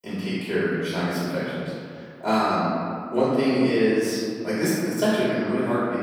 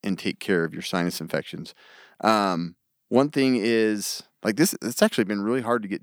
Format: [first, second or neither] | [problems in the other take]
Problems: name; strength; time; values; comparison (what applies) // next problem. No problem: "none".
second | room echo; strong; dies away in 2.1 s // off-mic speech; far